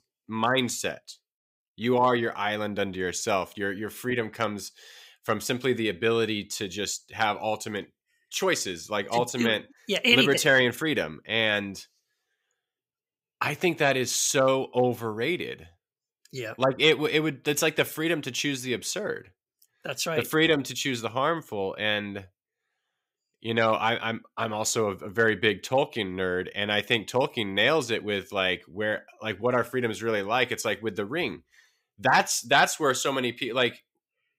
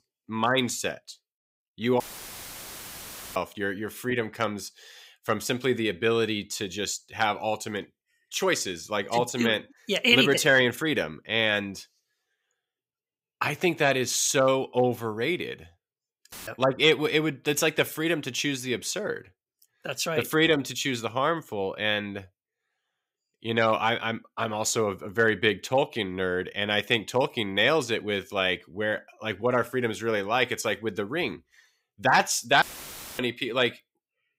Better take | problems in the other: first | audio cutting out; filled with static; at 2 s for 1.5 s, at 16 s and at 33 s for 0.5 s

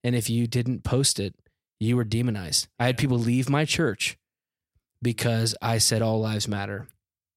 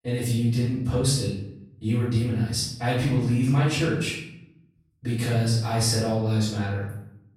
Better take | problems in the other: first | off-mic speech; far // room echo; noticeable; dies away in 0.7 s

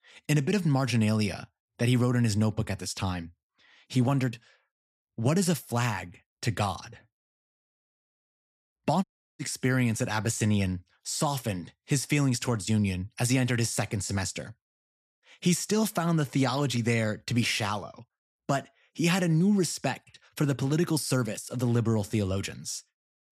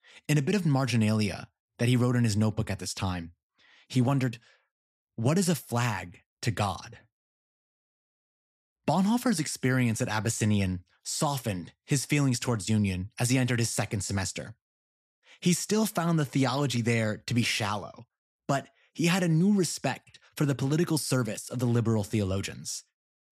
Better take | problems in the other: second | audio cutting out; at 9 s

